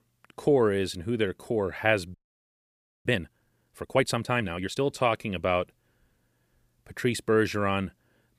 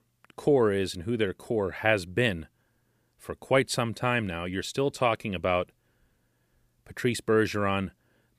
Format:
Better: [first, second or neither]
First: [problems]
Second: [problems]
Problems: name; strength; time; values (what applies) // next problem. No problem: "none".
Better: second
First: audio freezing; at 2 s for 1 s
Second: none